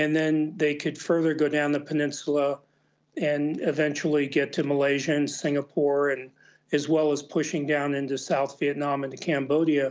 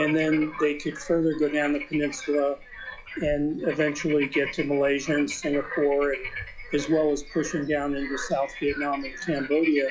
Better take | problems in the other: first | noise reduction (classical method log-MMSE)

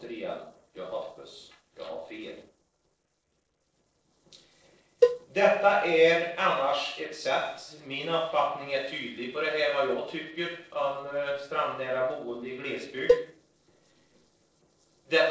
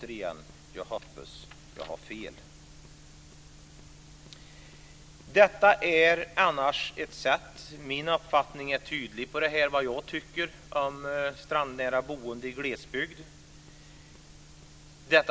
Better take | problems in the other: second | noise reduction (neural separator model SepFormer DNS4)

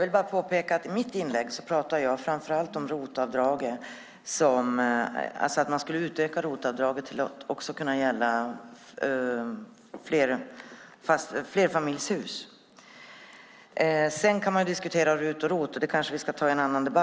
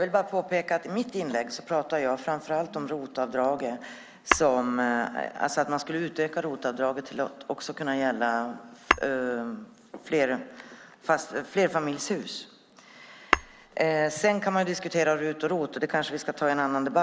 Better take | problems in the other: first | background sound (Tap / Hammer); 6 dB below the speech

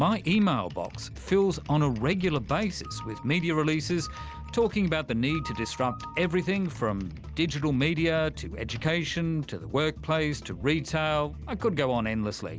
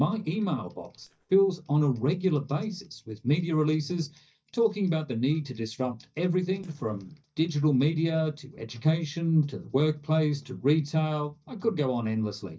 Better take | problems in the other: first | noise reduction (neural mask model DeepFilterNet 3)

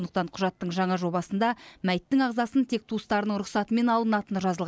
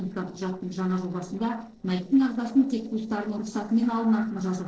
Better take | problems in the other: first | noise reduction (neural separator model SepFormer DNS4)

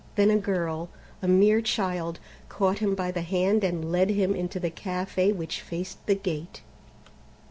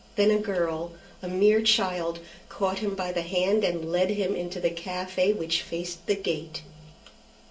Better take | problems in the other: first | room echo; dies away in 0.2 s

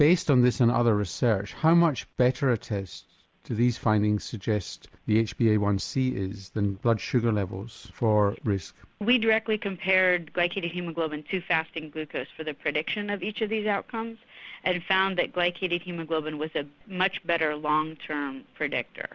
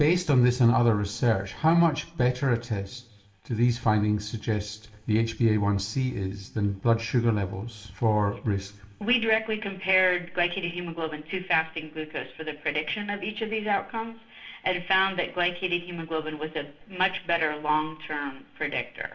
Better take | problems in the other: first | room echo; dies away in 0.9 s

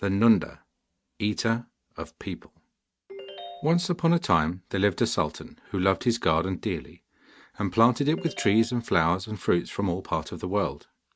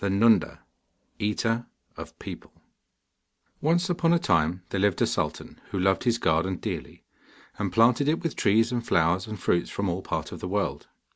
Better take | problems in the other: second | noise reduction (neural mask model RNNoise)

